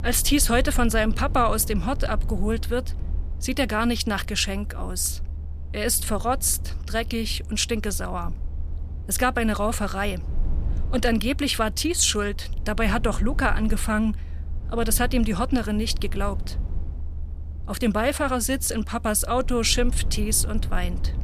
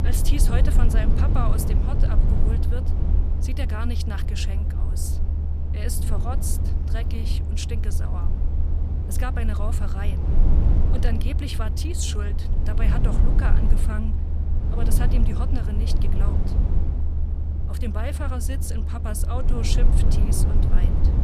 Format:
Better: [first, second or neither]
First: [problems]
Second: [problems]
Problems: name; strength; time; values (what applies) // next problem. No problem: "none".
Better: first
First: low rumble; faint; throughout; 25 dB below the speech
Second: low rumble; loud; throughout; 3 dB below the speech